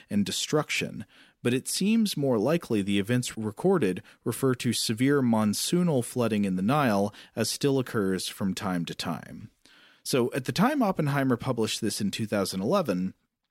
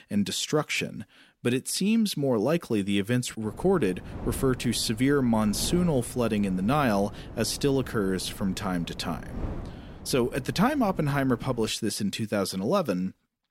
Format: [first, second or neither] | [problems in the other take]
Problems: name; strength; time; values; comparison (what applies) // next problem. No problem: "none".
first | wind noise on the microphone; occasional gusts; from 3.5 to 12 s; 20 dB below the speech